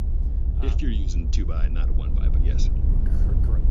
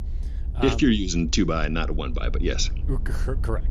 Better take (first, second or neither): second